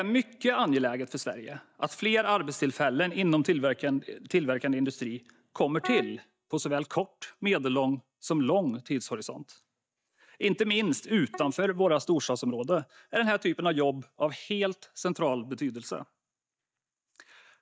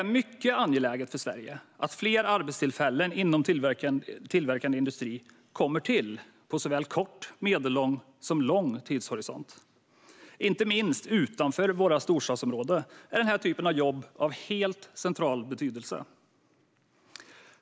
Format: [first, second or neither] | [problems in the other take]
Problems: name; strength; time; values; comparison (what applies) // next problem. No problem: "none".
second | noise reduction (neural mask model DeepFilterNet 3)